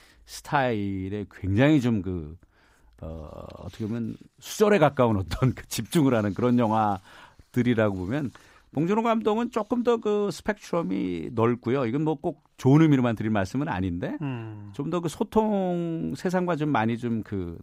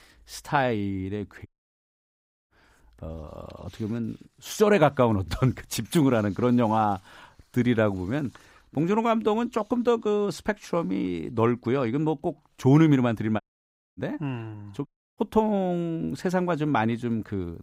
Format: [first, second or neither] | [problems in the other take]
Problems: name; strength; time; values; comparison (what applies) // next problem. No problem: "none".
first | audio cutting out; at 1.5 s for 1 s, at 13 s for 0.5 s and at 15 s